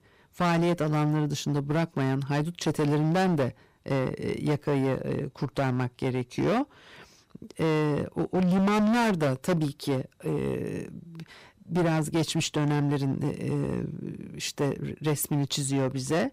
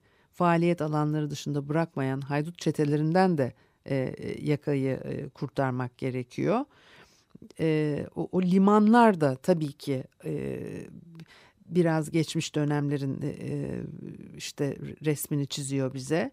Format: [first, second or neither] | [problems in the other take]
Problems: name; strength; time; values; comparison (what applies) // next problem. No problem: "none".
second | distortion; heavy; 14% of the sound clipped